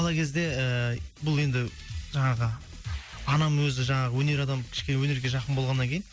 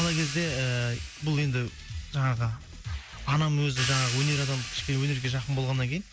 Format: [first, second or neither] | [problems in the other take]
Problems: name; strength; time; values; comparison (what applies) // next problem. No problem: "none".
first | background sound (Crash cymbal / Hi-hat); 10 dB below the speech